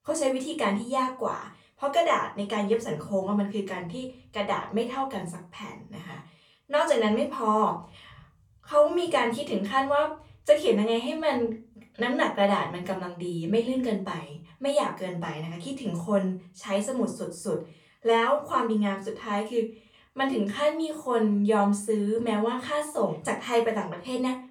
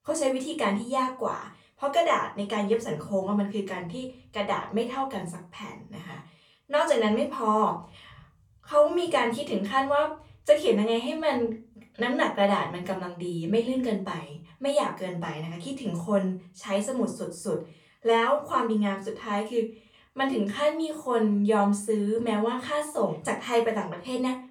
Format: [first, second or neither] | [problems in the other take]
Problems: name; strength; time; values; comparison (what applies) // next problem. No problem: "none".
neither | off-mic speech; far; the same in both // room echo; slight; dies away in 0.3 s; the same in both